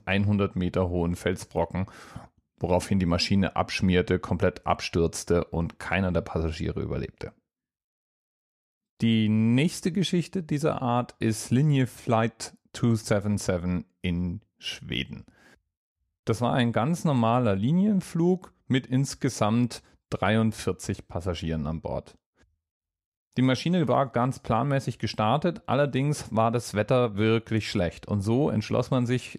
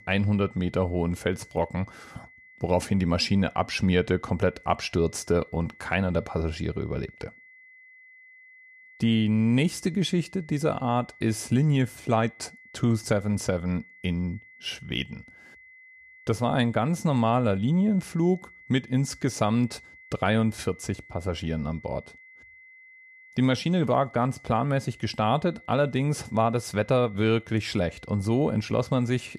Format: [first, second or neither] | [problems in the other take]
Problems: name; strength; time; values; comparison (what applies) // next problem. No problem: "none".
first | high-pitched whine; faint; throughout; 2 kHz, 25 dB below the speech